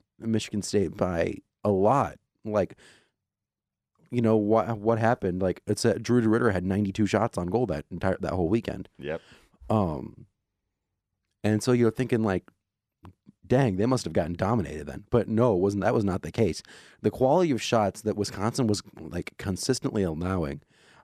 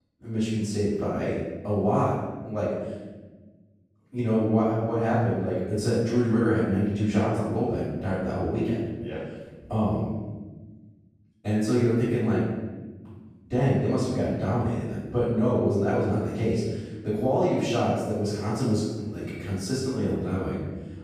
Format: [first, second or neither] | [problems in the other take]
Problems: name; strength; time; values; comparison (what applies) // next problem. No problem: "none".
first | room echo; strong; dies away in 1.3 s // off-mic speech; far